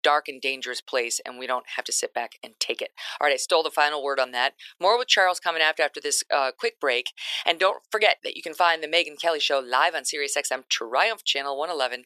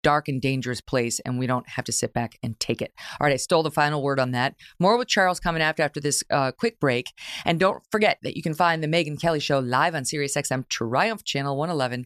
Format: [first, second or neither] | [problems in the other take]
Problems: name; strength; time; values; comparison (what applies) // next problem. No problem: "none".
second | thin; very; fading below 400 Hz